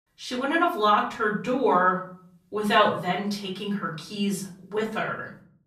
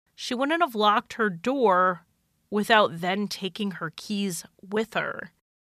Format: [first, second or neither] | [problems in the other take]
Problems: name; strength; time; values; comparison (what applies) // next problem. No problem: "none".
second | off-mic speech; far // room echo; slight; dies away in 0.5 s